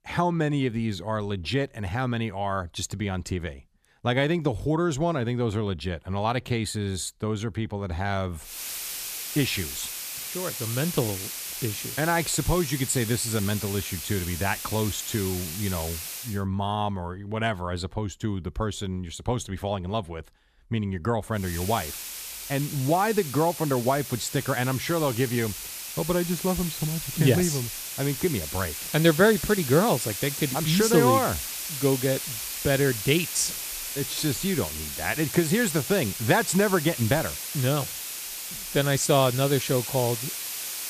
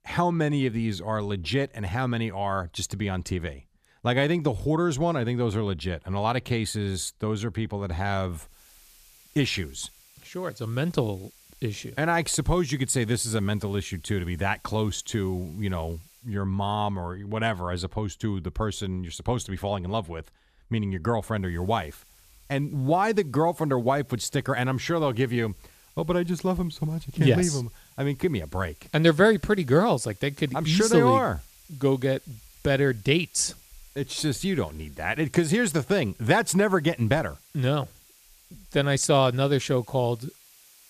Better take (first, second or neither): second